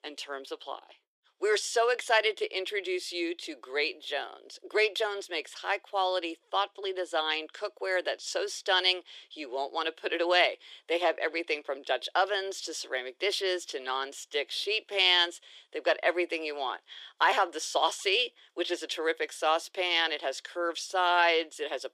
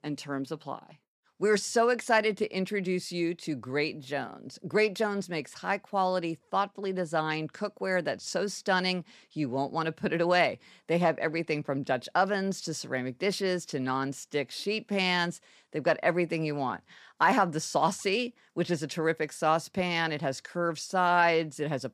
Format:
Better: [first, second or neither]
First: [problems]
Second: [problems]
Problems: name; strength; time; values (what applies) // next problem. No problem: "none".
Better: second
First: thin; very; fading below 350 Hz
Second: none